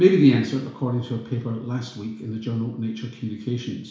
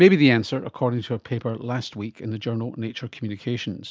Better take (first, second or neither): second